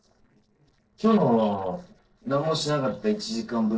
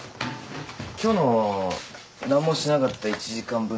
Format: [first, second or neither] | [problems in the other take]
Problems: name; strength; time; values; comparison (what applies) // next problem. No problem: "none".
second | noise reduction (neural separator model SepFormer DNS4)